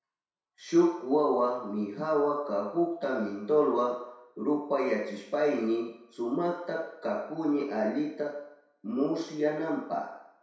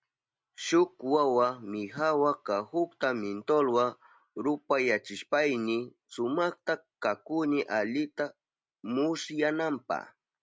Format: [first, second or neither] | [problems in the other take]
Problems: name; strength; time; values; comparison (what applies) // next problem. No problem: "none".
second | room echo; dies away in 0.7 s